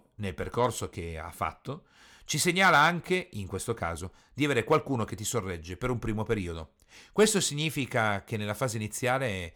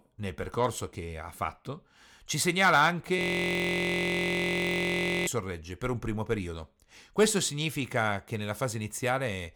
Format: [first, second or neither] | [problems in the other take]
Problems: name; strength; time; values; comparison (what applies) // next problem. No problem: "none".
first | audio freezing; at 3 s for 2 s